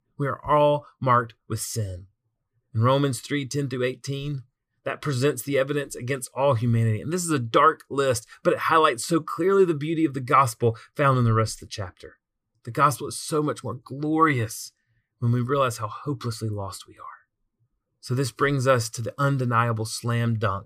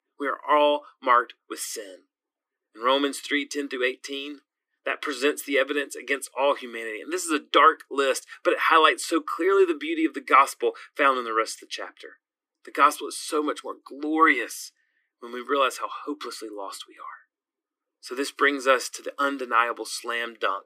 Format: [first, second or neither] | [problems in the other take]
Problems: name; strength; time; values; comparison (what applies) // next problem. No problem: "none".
first | thin; somewhat; fading below 250 Hz